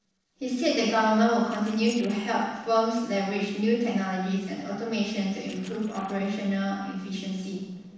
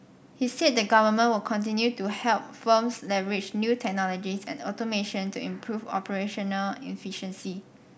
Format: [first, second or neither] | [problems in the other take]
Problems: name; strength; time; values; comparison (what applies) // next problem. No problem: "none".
second | noise reduction (neural separator model SepFormer DNS4)